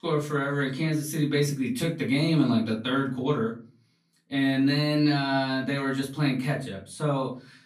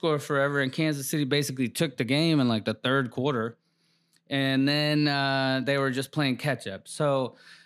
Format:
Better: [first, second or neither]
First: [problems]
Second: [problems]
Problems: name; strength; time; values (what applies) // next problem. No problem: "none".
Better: second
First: room echo; slight; dies away in 0.3 s // off-mic speech; far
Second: none